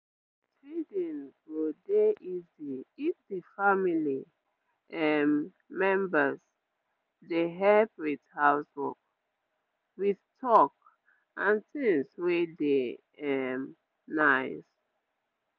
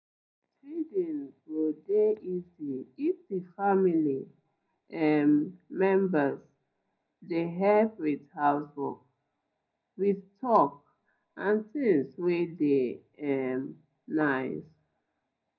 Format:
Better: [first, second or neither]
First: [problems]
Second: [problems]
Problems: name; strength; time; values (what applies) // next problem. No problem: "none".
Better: first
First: none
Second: room echo; dies away in 0.4 s